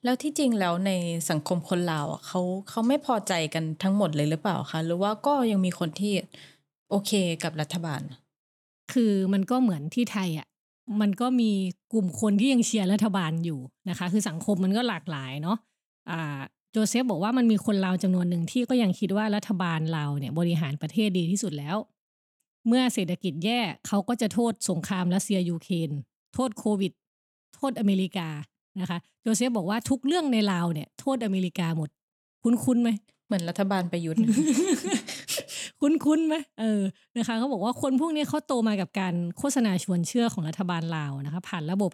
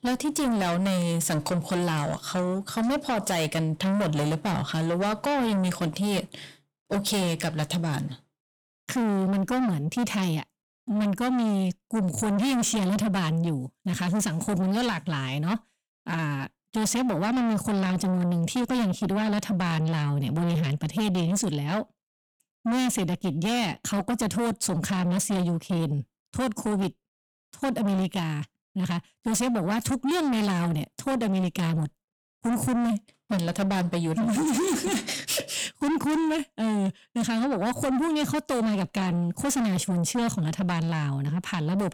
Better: first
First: none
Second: distortion; heavy; 7 dB below the speech

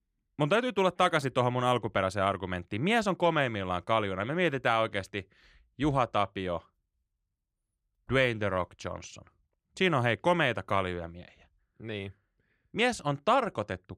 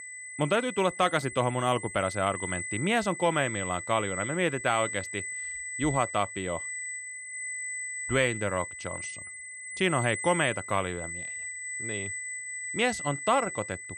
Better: first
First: none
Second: high-pitched whine; loud; throughout; 2 kHz, 6 dB below the speech

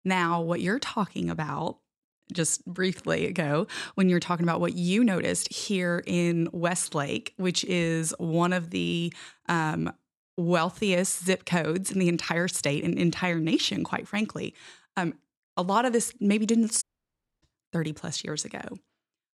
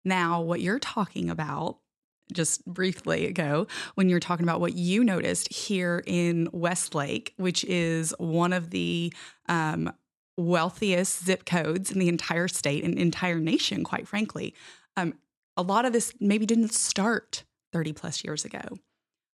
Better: second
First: audio cutting out; at 17 s for 0.5 s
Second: none

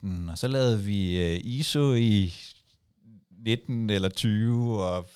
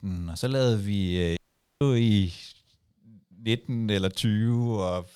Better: first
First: none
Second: audio cutting out; at 1.5 s

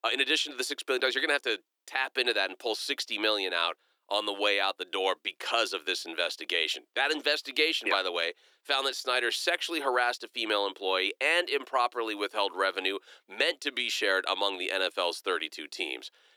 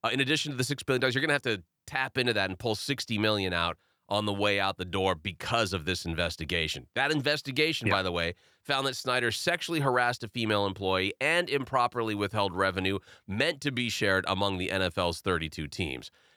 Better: second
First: thin; somewhat; fading below 300 Hz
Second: none

